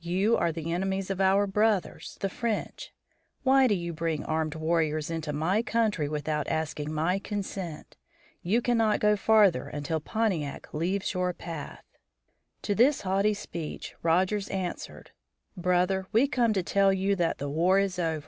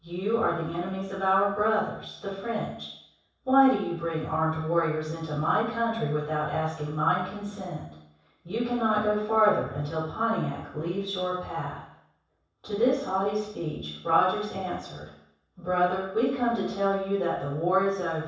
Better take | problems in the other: first | room echo; dies away in 0.7 s

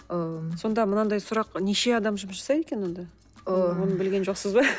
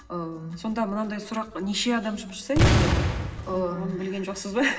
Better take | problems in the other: first | background sound (Boom); 5 dB above the speech // room echo; dies away in 2.4 s

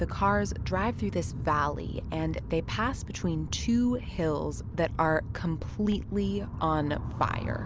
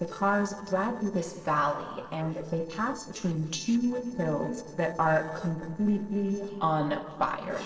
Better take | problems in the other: first | noise reduction (neural separator model SepFormer DNS4)

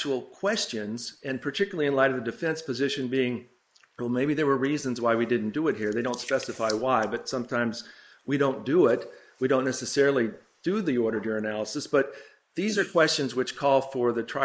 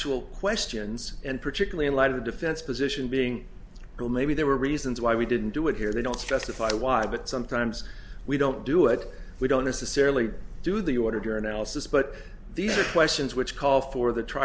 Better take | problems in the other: second | noise reduction (neural mask model Resemble Enhance denoiser)

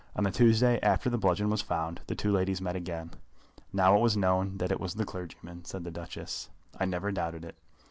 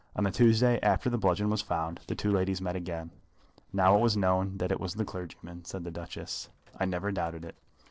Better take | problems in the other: first | noise reduction (neural separator model SepFormer DNS4)

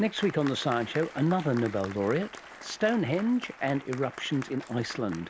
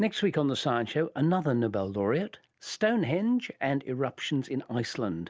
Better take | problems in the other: second | background sound (Applause); 15 dB below the speech

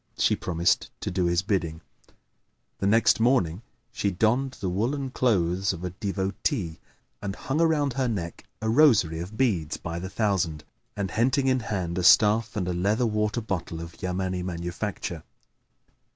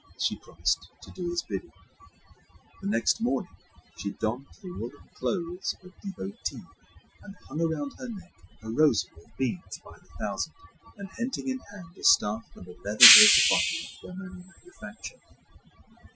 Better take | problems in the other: first | noise reduction (classical method Wiener filter)

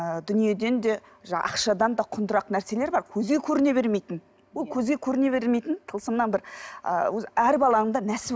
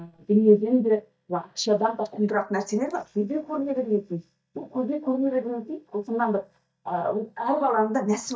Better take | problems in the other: first | noise reduction (neural mask model DeepFilterNet 3)

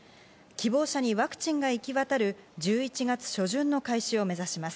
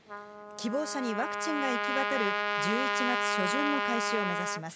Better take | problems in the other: first | background sound (Trumpet); 3 dB above the speech

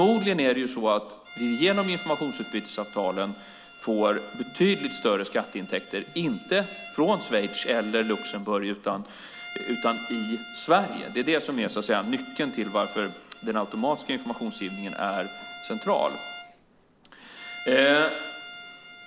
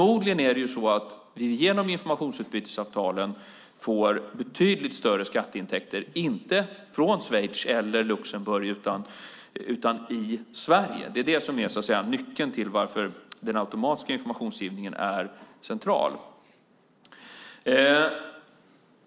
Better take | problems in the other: second | background sound (Bowed string instrument); 15 dB below the speech

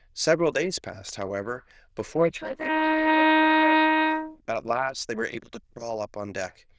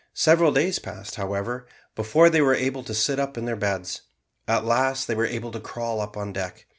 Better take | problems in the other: second | noise reduction (neural diffusion model UNIVERSE++)

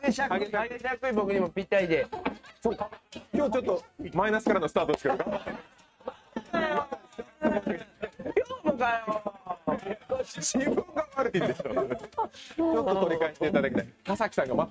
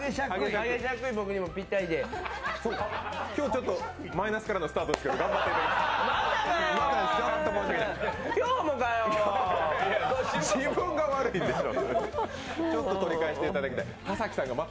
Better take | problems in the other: second | noise reduction (neural mask model RNNoise)

